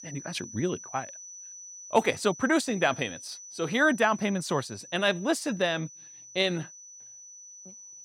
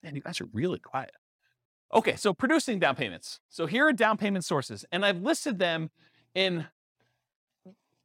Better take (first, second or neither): second